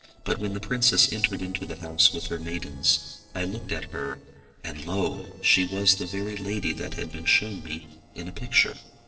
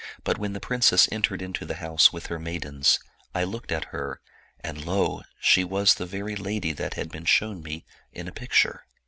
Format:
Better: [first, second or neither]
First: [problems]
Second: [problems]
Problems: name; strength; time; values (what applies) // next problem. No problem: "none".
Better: second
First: noise reduction (neural separator model SepFormer DNS4)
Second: none